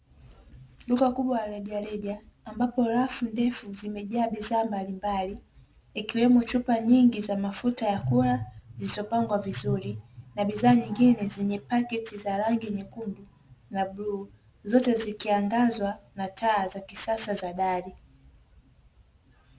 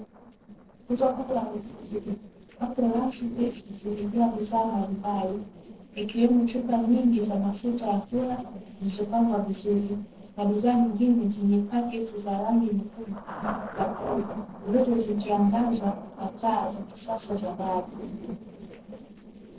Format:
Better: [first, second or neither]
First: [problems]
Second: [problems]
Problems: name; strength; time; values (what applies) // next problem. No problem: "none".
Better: first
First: none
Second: noise reduction (neural separator model SepFormer DNS4)